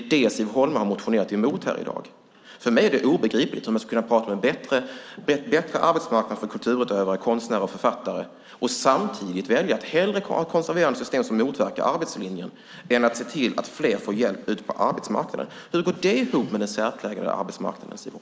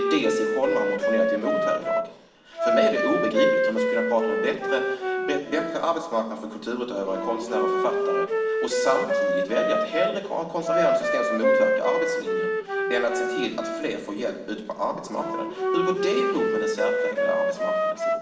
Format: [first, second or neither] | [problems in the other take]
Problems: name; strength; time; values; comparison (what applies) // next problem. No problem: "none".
first | background sound (Wind instrument, woodwind instrument); 3 dB above the speech // room echo; dies away in 0.9 s